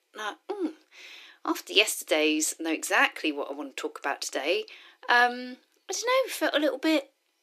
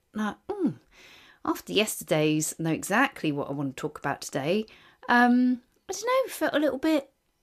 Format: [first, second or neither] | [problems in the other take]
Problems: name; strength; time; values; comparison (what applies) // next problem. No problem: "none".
second | thin; somewhat; fading below 300 Hz